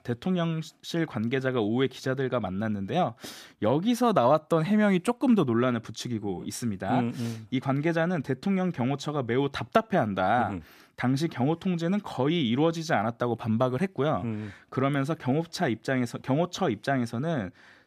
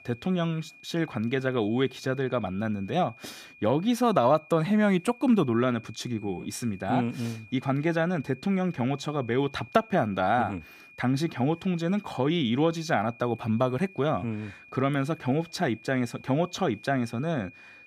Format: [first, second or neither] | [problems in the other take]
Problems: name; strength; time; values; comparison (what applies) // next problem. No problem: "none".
first | high-pitched whine; faint; throughout; 2.5 kHz, 20 dB below the speech